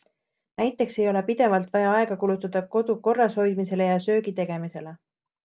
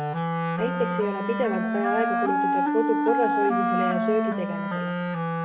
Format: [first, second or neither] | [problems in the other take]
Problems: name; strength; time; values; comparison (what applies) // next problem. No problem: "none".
first | background sound (Wind instrument, woodwind instrument); 3 dB above the speech // room echo; dies away in 1.1 s